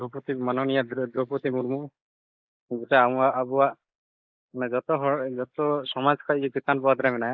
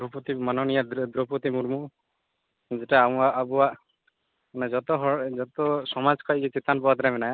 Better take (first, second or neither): second